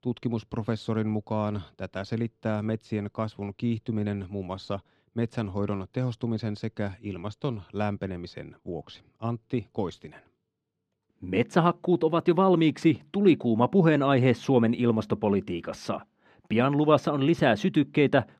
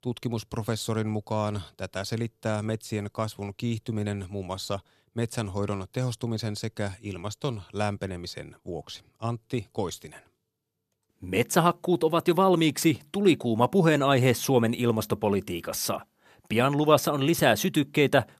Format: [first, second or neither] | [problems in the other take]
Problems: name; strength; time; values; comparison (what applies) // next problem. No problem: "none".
second | muffled; slightly; fading above 3 kHz